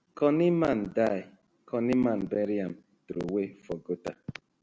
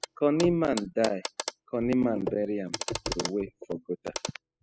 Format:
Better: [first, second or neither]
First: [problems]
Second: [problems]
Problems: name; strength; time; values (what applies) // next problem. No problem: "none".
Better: first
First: none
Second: noise reduction (classical method spectral subtraction)